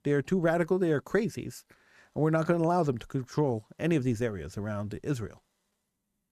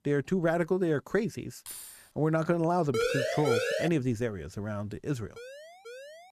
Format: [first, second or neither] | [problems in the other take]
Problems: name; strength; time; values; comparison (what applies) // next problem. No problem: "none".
first | jangling keys; faint; at 1.5 s; peak 10 dB below the speech // siren; loud; at 3 s; peak 1 dB above the speech // siren; faint; at 5.5 s; peak 15 dB below the speech